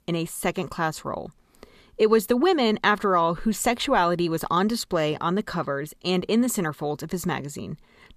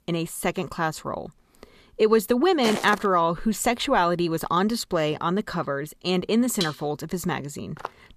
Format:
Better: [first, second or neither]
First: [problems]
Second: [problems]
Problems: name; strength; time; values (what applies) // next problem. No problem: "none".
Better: first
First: none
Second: footsteps; noticeable; at 2.5 s; peak 6 dB below the speech // clattering dishes; noticeable; at 6.5 s; peak 7 dB below the speech // footsteps; very faint; at 8 s; peak 15 dB below the speech